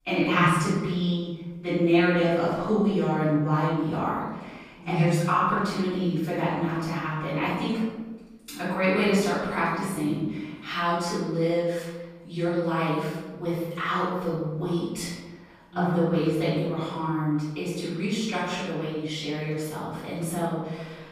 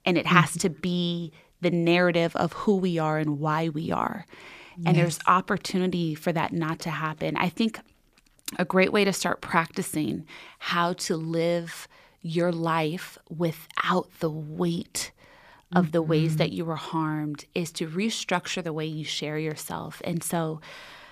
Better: second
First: room echo; strong; dies away in 1.1 s // off-mic speech; far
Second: none

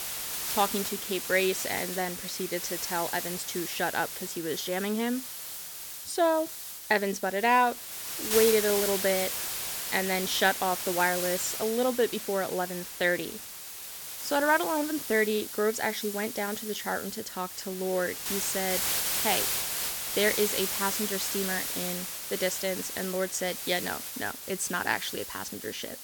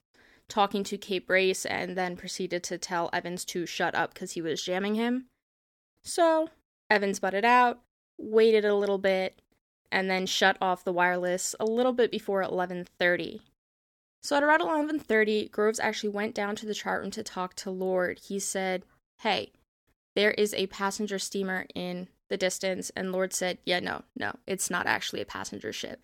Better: second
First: hiss; loud; throughout; 3 dB below the speech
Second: none

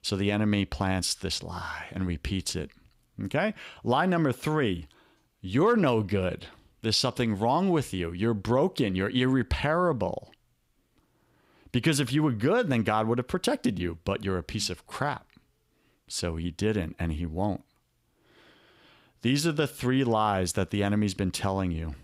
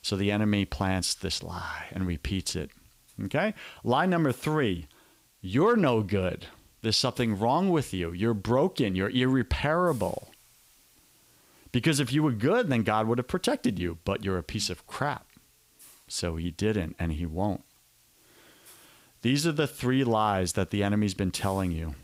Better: first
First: none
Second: hiss; faint; throughout; 30 dB below the speech

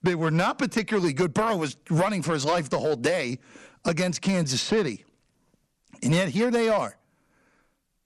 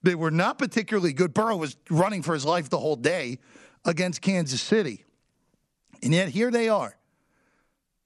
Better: second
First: distortion; slight; 10 dB below the speech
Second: none

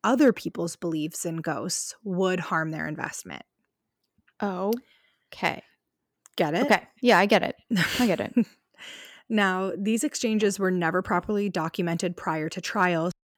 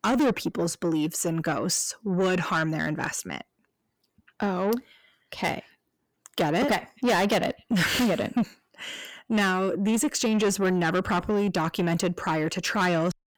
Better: first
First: none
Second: distortion; heavy; 7 dB below the speech

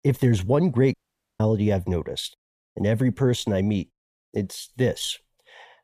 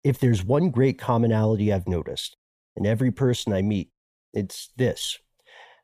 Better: second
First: audio cutting out; at 1 s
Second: none

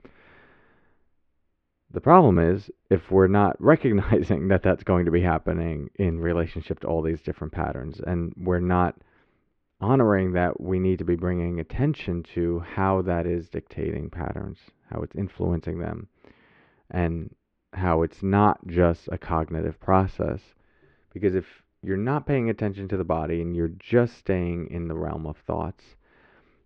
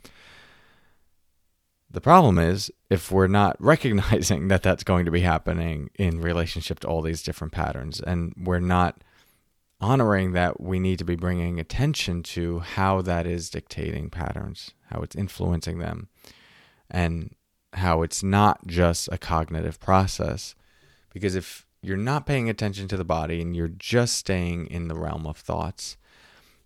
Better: second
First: muffled; very; fading above 2 kHz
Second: none

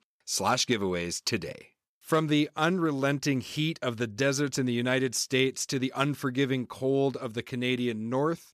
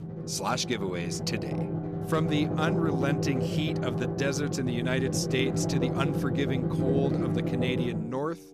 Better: first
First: none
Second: background music; very loud; throughout; 1 dB above the speech

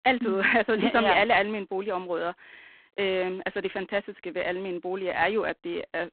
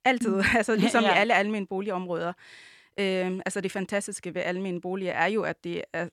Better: second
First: phone-call audio; poor line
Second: none

